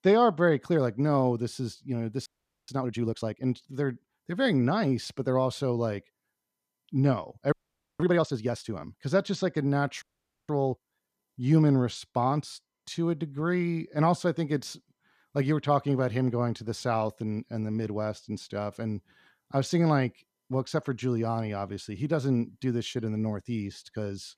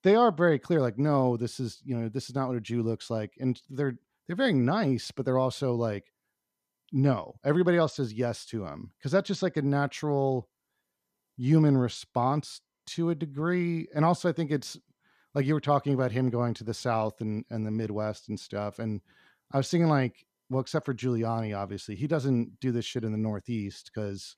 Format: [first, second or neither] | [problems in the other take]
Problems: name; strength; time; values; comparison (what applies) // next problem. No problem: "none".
second | audio freezing; at 2.5 s, at 7.5 s and at 10 s